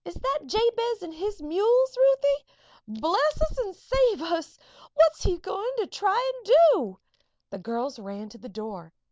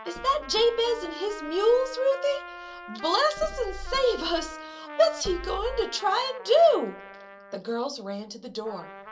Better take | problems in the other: first | background sound (Trumpet); 15 dB below the speech // room echo; dies away in 0.2 s

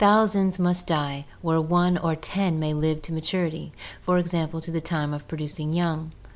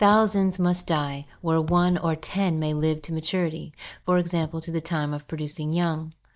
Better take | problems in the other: first | noise reduction (neural mask model DeepFilterNet 3)

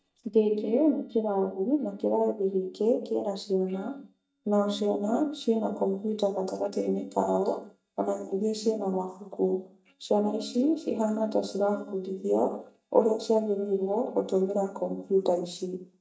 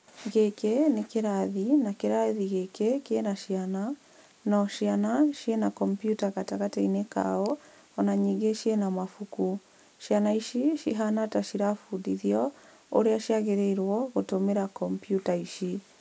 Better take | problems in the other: second | noise reduction (neural mask model DeepFilterNet 3)

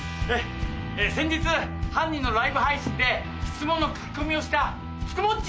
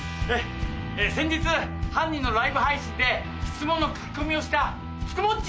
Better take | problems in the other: second | background sound (Percussion); 13 dB below the speech

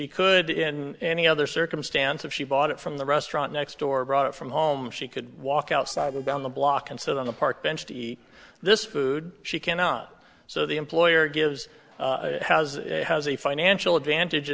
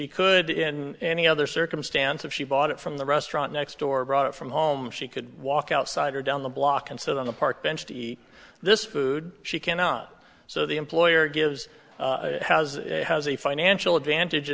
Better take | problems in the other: second | noise reduction (neural separator model SepFormer DNS4)

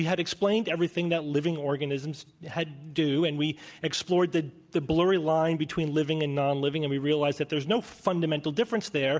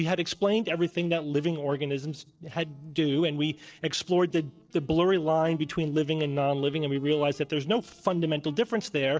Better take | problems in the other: first | noise reduction (neural separator model SepFormer DNS4)

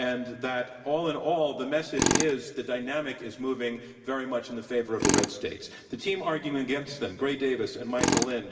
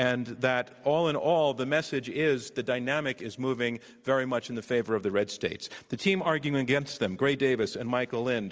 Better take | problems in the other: second | background sound (Tools); 3 dB below the speech // room echo; dies away in 2.1 s

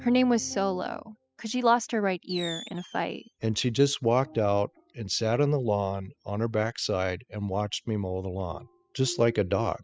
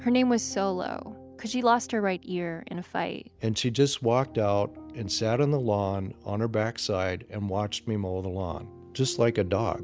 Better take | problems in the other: second | noise reduction (classical method spectral subtraction)

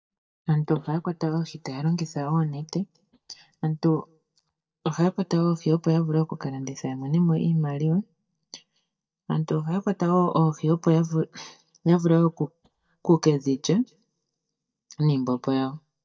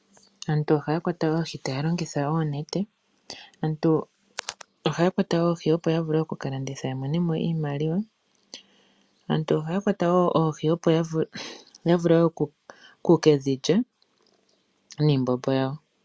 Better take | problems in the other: second | noise reduction (neural mask model DeepFilterNet 3)

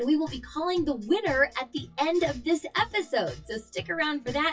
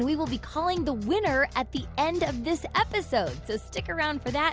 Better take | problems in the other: second | noise reduction (classical method WPE with log-MMSE)

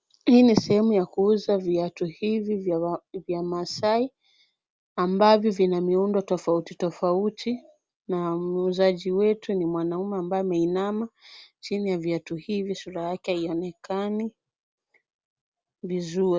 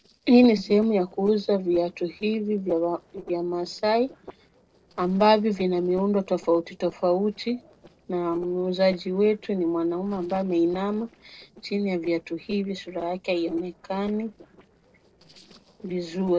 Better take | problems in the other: first | noise reduction (neural separator model SepFormer DNS4)

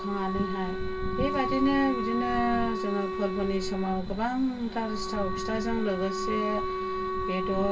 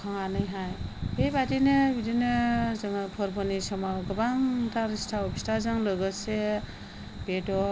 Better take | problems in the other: second | background sound (Wind instrument, woodwind instrument); 4 dB below the speech // room echo; dies away in 0.1 s

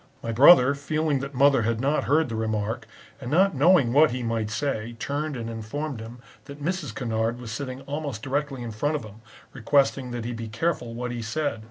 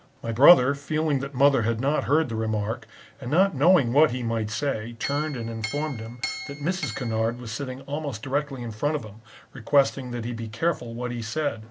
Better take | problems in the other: first | background sound (Chink, clink); 12 dB below the speech

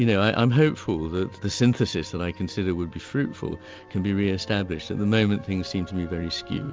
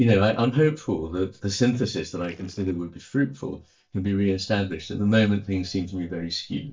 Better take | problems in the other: first | noise reduction (neural mask model DeepFilterNet 3)

